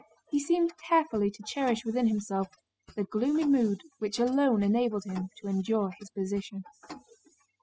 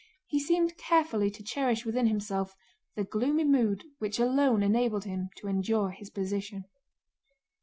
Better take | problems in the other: second | noise reduction (classical method spectral subtraction)

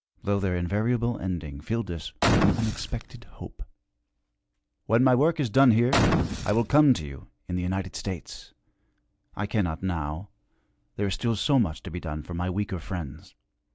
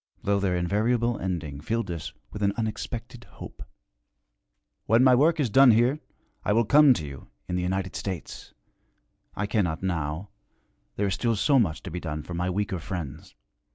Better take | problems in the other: second | background sound (Boom); 1 dB above the speech

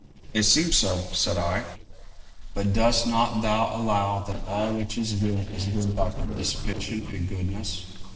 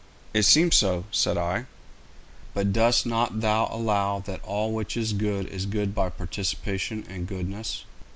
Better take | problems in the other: second | noise reduction (neural separator model SepFormer DNS4)

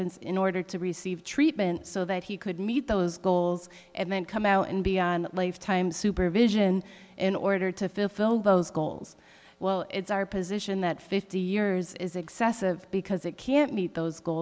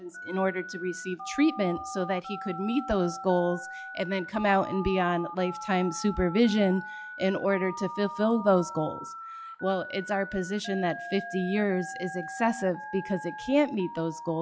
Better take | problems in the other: first | noise reduction (classical method log-MMSE)

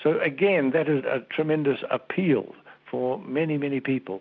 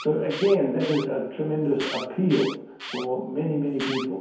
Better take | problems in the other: first | background sound (Alarm); 13 dB below the speech // room echo; dies away in 0.9 s

